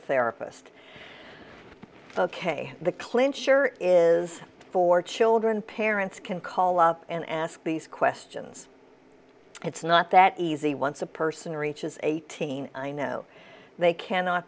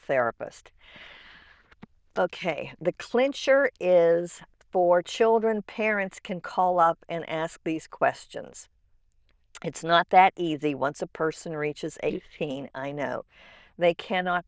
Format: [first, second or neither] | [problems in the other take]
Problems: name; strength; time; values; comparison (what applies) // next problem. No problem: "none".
first | noise reduction (neural diffusion model UNIVERSE++)